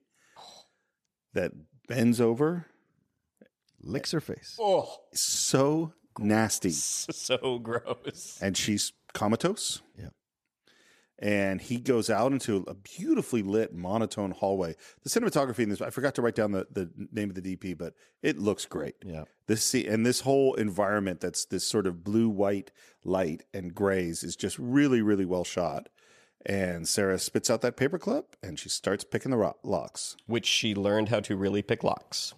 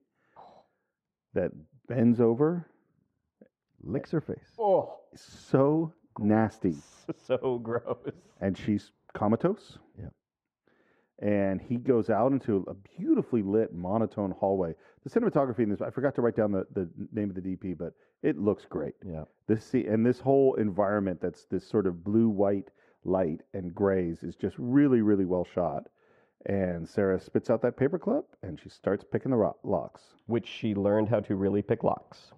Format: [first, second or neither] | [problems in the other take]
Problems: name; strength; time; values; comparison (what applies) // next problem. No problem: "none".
first | muffled; very; fading above 3 kHz